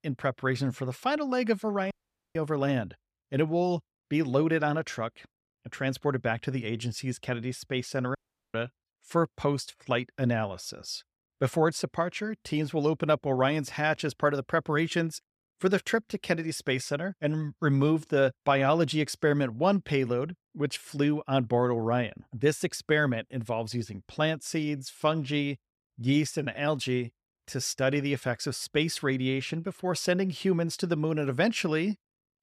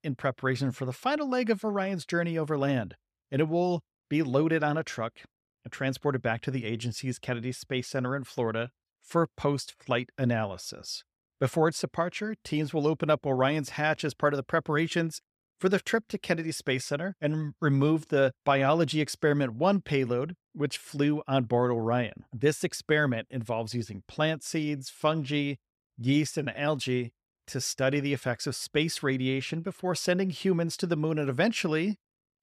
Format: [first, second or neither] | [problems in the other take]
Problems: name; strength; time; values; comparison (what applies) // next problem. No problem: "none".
second | audio cutting out; at 2 s and at 8 s